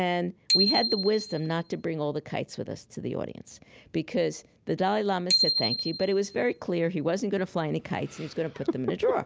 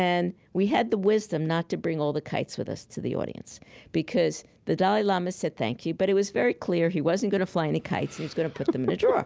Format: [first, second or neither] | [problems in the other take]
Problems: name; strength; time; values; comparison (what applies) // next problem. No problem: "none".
second | background sound (Bicycle bell); 3 dB below the speech